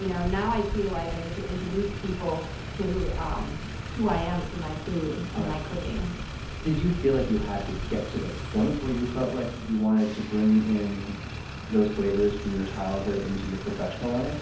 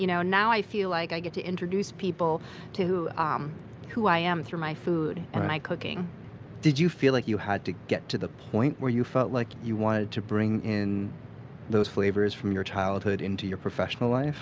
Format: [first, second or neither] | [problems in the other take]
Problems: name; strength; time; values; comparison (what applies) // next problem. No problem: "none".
second | background sound (Motor vehicle (road)); 6 dB below the speech // room echo; dies away in 0.6 s